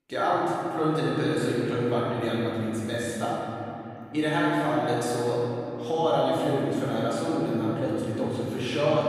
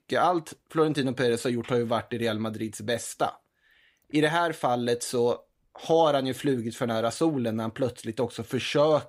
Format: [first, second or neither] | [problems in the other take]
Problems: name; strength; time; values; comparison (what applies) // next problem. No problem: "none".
second | room echo; strong; dies away in 3 s // off-mic speech; far